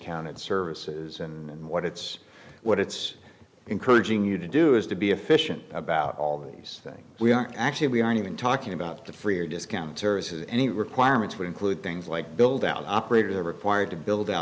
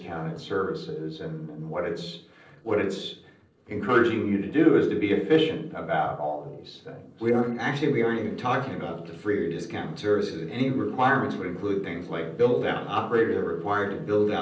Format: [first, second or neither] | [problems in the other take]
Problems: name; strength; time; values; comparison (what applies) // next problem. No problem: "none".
first | noise reduction (neural separator model SepFormer DNS4)